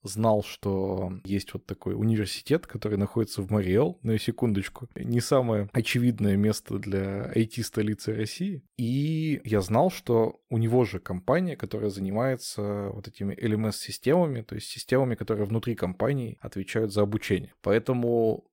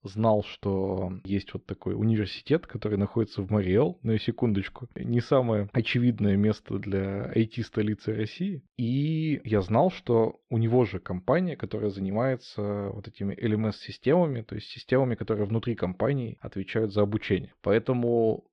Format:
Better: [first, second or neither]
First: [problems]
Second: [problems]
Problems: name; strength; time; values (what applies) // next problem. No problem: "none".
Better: first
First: none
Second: muffled; slightly; fading above 4 kHz